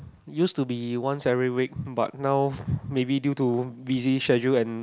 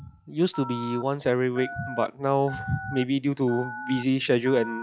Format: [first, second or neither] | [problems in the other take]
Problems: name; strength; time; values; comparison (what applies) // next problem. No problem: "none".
first | noise reduction (classical method log-MMSE)